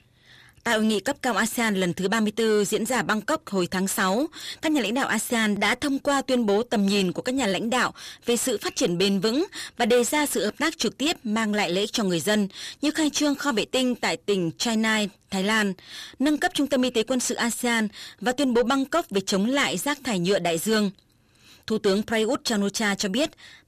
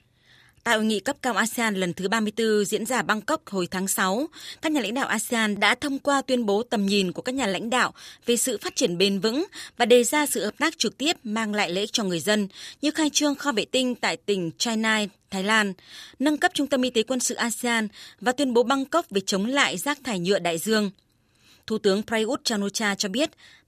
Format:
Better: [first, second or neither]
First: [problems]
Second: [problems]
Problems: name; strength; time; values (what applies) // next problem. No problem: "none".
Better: second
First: distortion; slight; 10 dB below the speech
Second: none